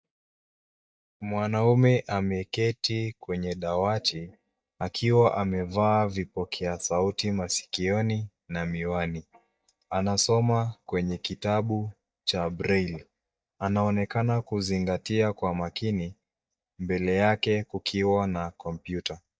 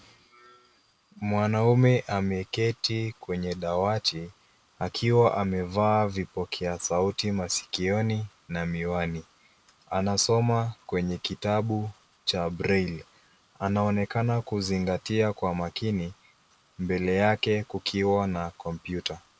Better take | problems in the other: second | noise reduction (neural mask model DeepFilterNet 3)

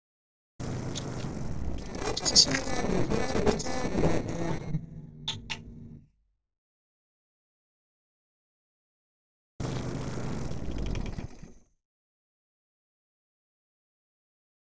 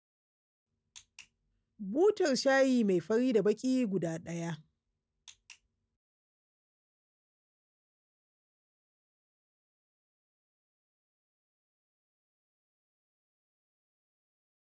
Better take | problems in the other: second | noise reduction (neural separator model SepFormer DNS4)

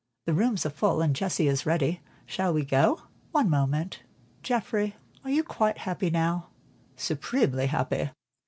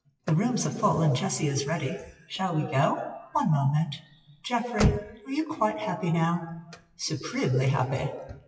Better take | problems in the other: first | noise reduction (classical method WPE with log-MMSE)

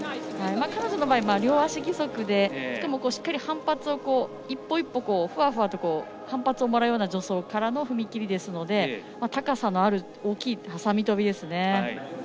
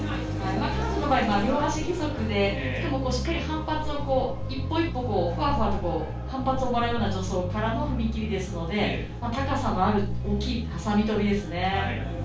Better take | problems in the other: first | background sound (Bass guitar); 4 dB below the speech // room echo; dies away in 0.3 s

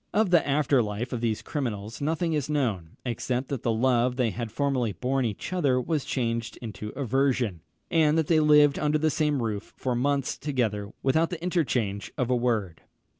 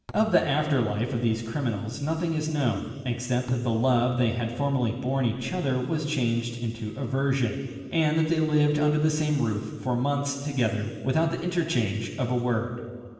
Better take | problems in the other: first | noise reduction (neural separator model SepFormer DNS4)

